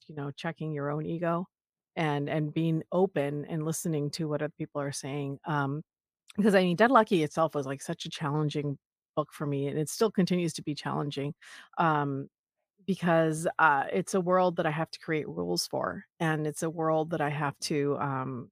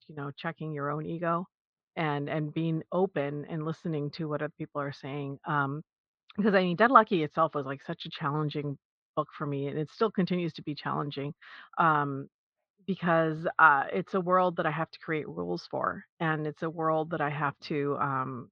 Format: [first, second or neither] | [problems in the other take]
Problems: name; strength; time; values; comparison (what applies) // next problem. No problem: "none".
first | muffled; slightly; fading above 4 kHz